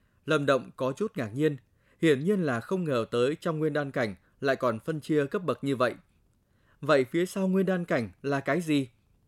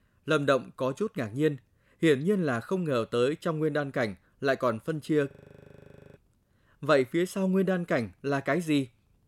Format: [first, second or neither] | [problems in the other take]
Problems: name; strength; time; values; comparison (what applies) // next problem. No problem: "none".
first | audio freezing; at 5.5 s for 1 s